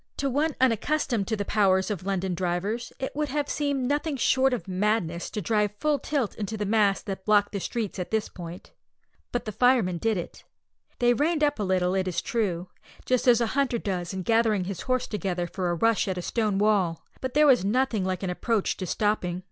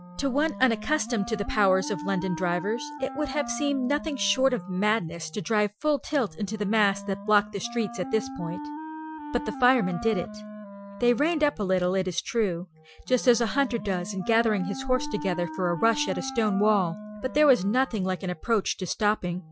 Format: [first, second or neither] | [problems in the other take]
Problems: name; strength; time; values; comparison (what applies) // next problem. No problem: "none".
first | noise reduction (classical method Wiener filter)